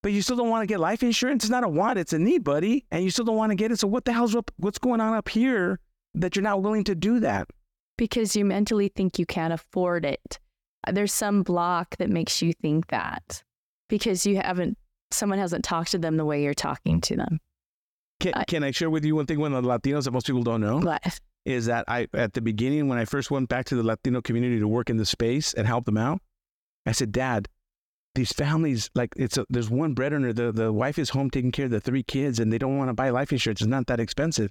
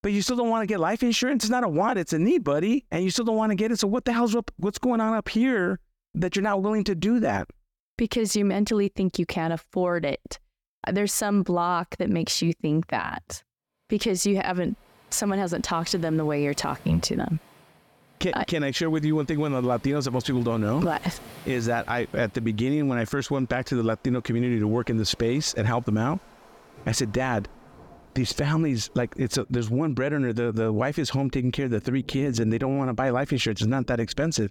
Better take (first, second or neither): first